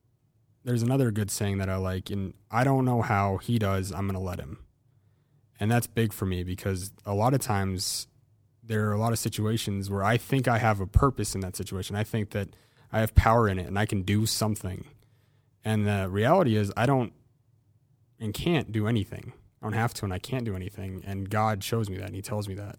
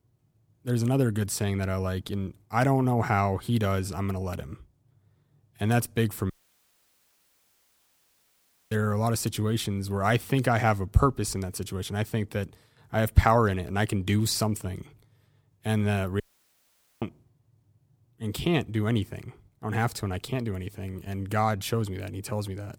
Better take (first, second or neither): first